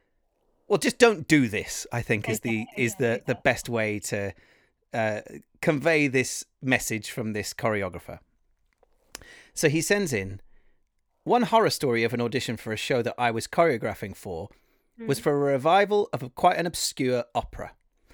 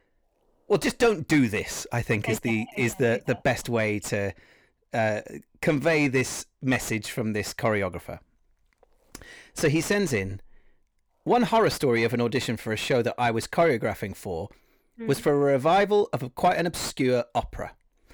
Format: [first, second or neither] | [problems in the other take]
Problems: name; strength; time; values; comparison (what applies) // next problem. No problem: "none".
first | distortion; slight; 10 dB below the speech